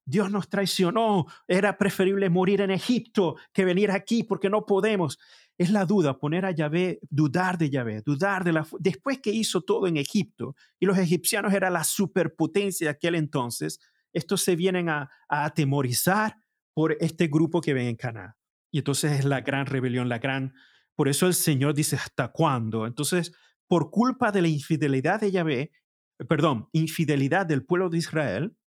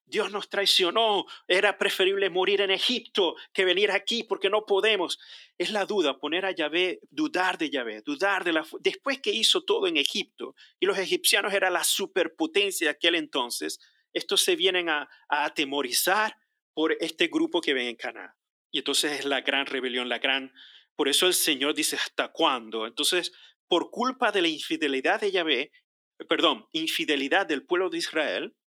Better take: first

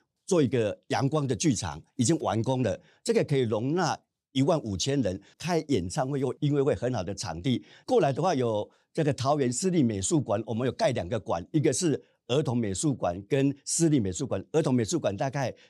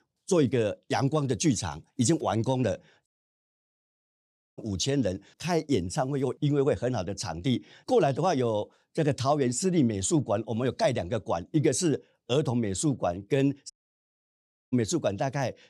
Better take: first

